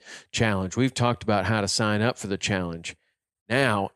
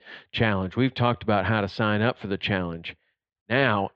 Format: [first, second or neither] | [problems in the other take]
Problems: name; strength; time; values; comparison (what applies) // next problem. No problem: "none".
first | muffled; very; fading above 3.5 kHz